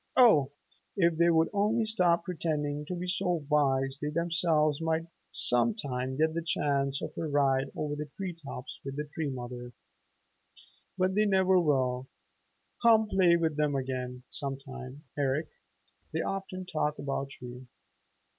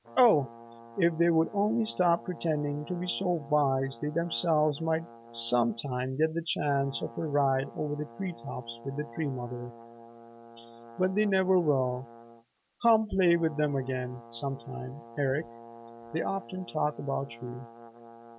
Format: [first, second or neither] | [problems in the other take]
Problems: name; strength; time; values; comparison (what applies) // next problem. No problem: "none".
first | background sound (Brass instrument); 18 dB below the speech